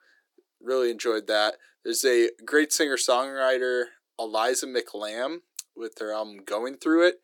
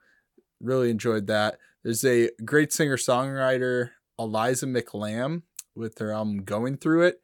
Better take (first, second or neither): second